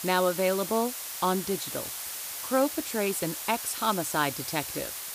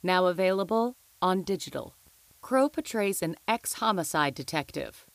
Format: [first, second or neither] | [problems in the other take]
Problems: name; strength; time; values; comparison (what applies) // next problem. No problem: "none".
second | hiss; loud; throughout; 5 dB below the speech; faint in the second